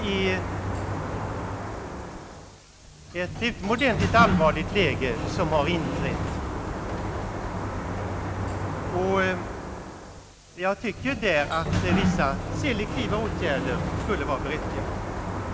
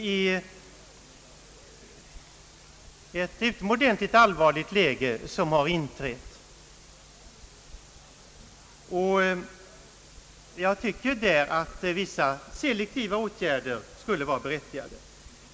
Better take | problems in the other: second | background sound (Sliding door); 1 dB below the speech

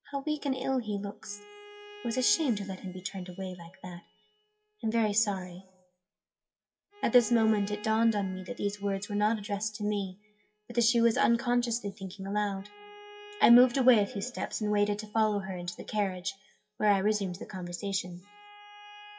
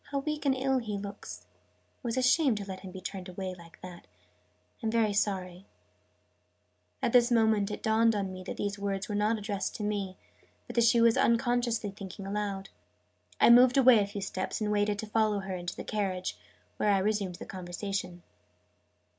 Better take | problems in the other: second | noise reduction (classical method WPE with log-MMSE)

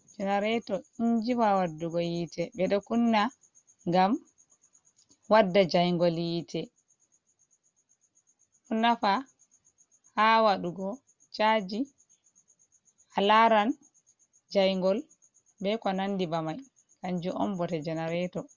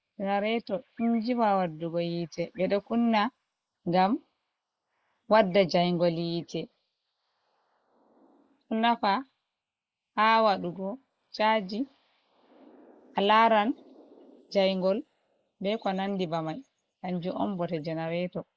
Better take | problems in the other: first | noise reduction (neural mask model Resemble Enhance denoiser)

